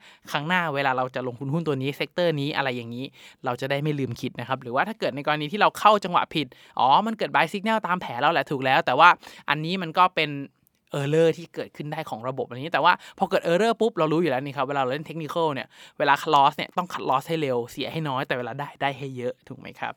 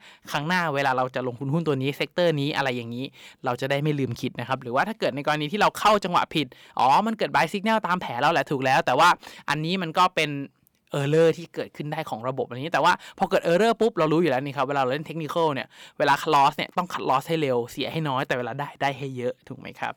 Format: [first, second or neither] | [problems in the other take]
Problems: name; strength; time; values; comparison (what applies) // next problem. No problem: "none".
first | distortion; slight; 1.7% of the sound clipped